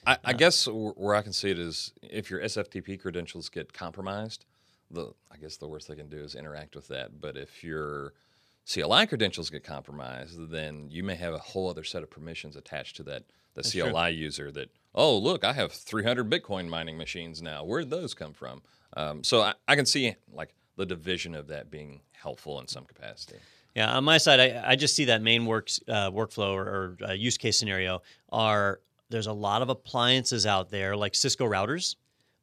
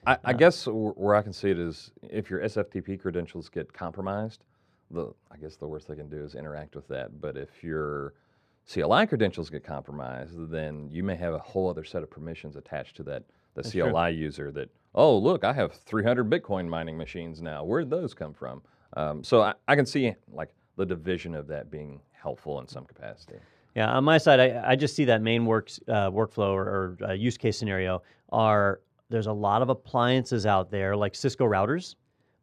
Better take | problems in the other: first | muffled; very; fading above 2.5 kHz

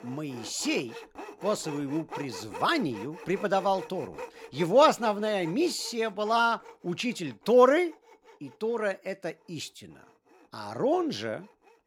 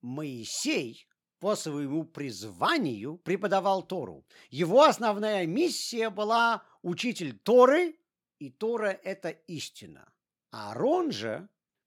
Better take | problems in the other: second | machinery noise; noticeable; throughout; 15 dB below the speech

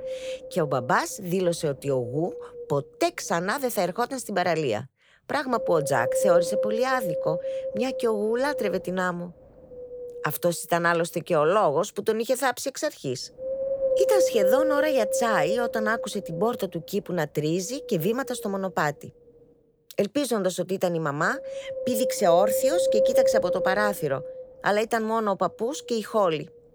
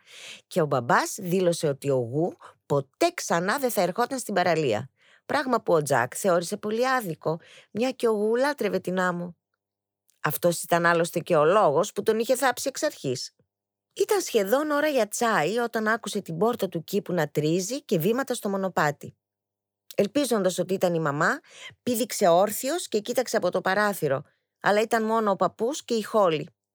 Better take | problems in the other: second | wind noise on the microphone; heavy; 1 dB below the speech

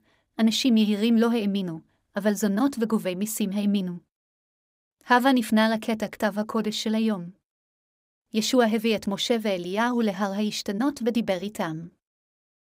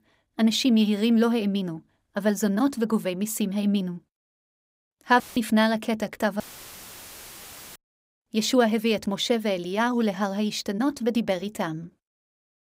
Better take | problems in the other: first | audio cutting out; filled with static; at 5 s and at 6.5 s for 1.5 s

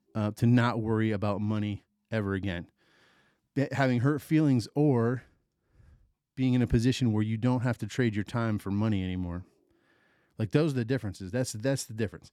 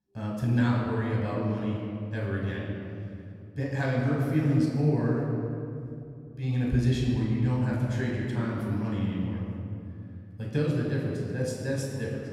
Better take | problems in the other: first | off-mic speech; far // room echo; noticeable; dies away in 2.5 s

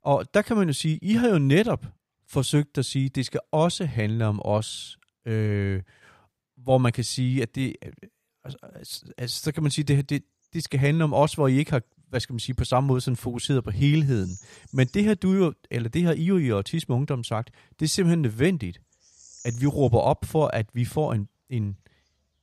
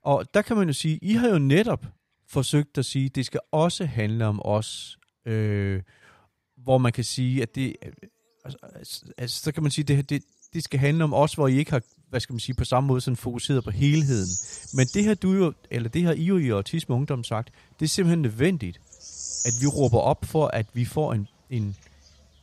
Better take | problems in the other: first | animal sounds; loud; throughout; 7 dB below the speech; faint in the first

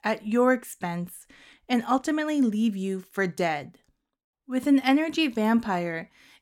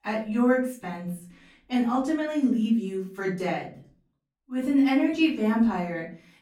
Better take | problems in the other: first | off-mic speech; far // room echo; slight; dies away in 0.4 s

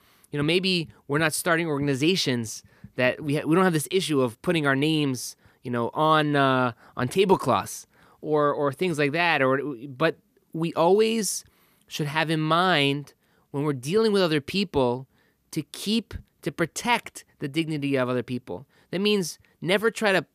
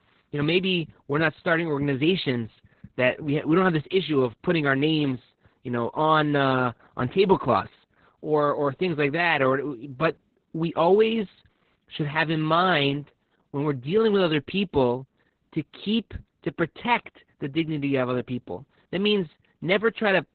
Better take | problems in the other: first | garbled, watery; badly; nothing above 4 kHz

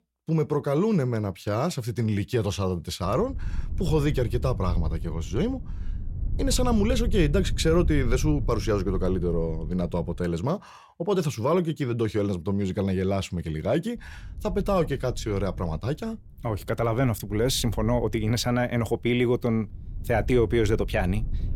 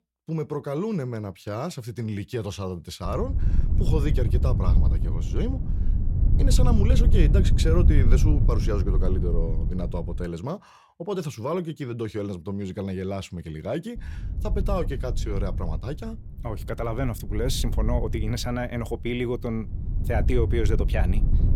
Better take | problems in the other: first | wind noise on the microphone; heavy; from 3 to 10 s and from 14 s on; 8 dB below the speech; occasional gusts in the first

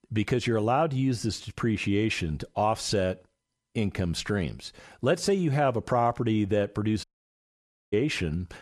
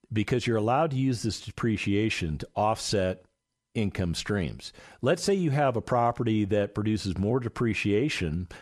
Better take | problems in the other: second | audio cutting out; at 7 s for 1 s

